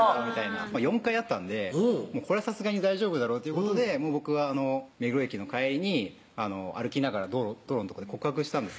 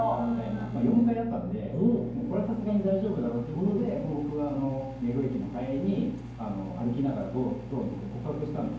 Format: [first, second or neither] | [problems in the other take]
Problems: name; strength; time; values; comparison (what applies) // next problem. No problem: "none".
first | background sound (Microwave oven); 11 dB below the speech // room echo; dies away in 0.9 s